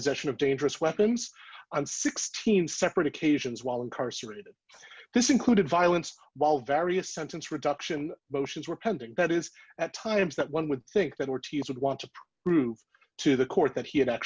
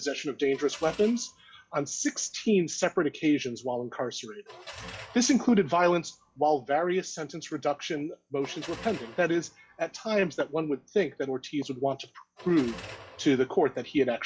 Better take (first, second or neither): first